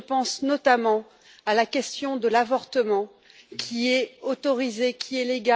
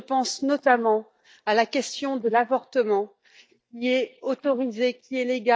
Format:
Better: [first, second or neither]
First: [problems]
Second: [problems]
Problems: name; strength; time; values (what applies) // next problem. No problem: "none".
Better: first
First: none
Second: noise reduction (neural mask model DeepFilterNet 3)